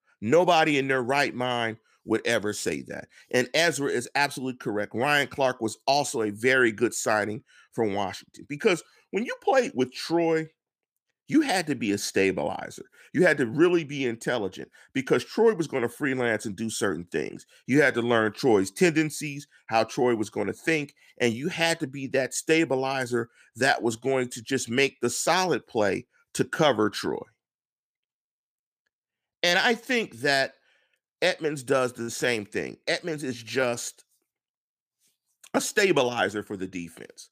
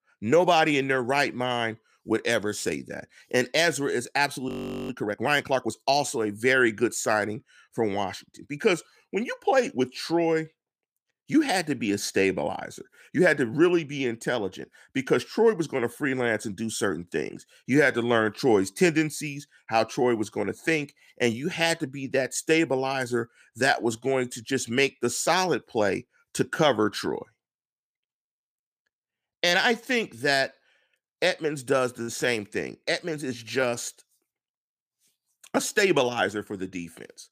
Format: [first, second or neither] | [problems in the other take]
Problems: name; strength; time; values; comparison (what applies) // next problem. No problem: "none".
first | audio freezing; at 4.5 s